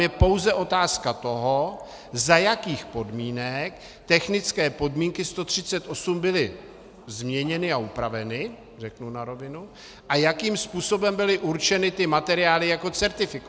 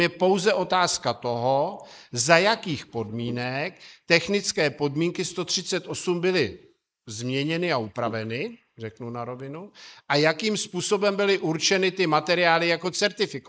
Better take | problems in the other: first | noise reduction (neural mask model Resemble Enhance denoiser)

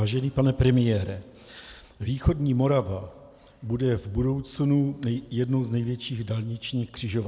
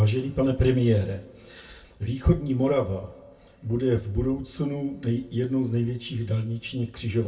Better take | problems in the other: first | room echo; dies away in 0.2 s

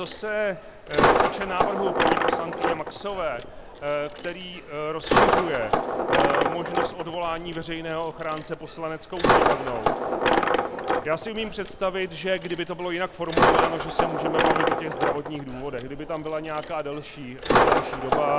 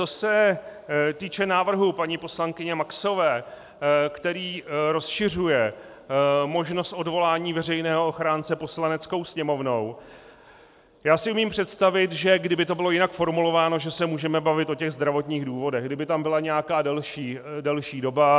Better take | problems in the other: second | background sound (Coin (dropping)); 5 dB above the speech

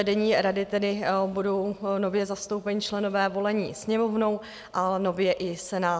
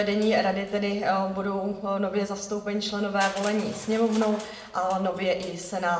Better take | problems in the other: first | background sound (Crushing); 19 dB below the speech // room echo; dies away in 0.9 s

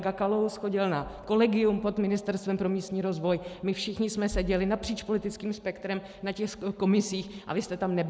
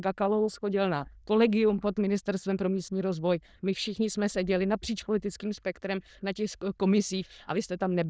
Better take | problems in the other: first | noise reduction (neural diffusion model UNIVERSE++)

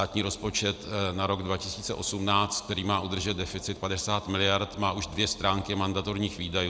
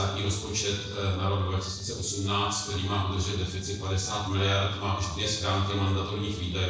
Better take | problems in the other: first | noise reduction (neural separator model SepFormer DNS4)

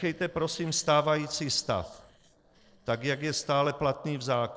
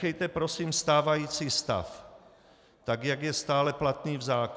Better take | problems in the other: second | noise reduction (neural separator model SepFormer DNS4)

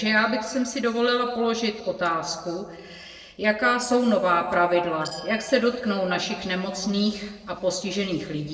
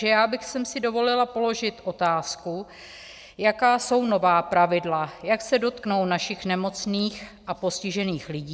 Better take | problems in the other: second | noise reduction (neural separator model SepFormer DNS4)

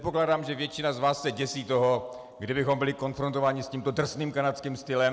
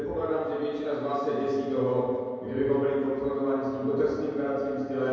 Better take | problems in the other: first | room echo; dies away in 2.2 s

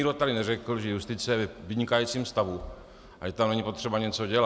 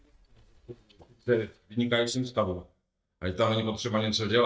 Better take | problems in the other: first | noise reduction (neural mask model DeepFilterNet 3)

